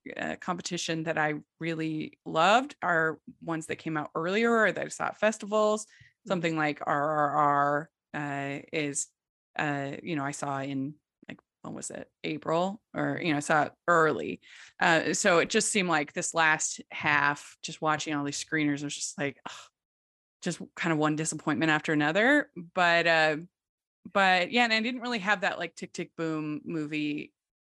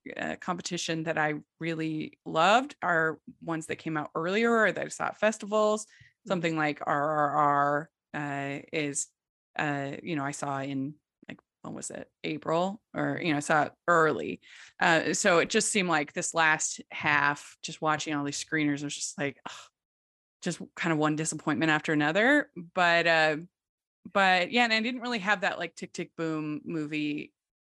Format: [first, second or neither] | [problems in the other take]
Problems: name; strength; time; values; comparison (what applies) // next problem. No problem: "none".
neither | none